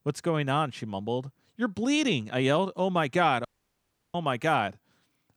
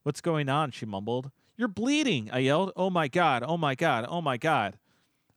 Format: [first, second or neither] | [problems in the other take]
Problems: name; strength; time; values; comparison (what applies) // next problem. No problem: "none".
second | audio cutting out; at 3.5 s for 0.5 s